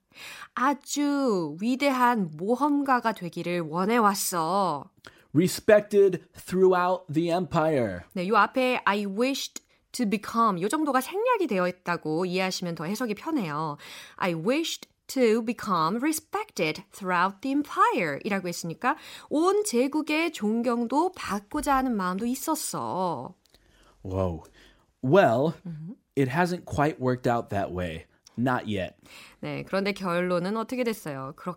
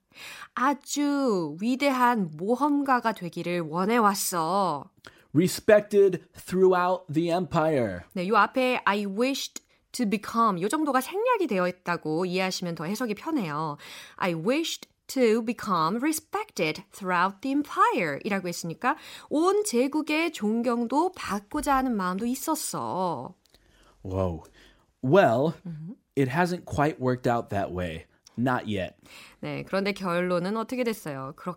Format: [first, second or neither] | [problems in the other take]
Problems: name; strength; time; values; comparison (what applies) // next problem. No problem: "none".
neither | none